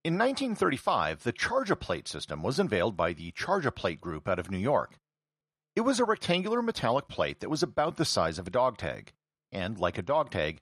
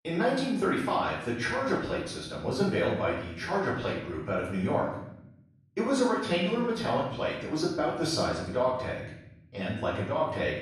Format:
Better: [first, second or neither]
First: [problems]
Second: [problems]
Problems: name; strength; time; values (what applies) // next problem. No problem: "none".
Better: first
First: none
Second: off-mic speech; far // room echo; noticeable; dies away in 0.8 s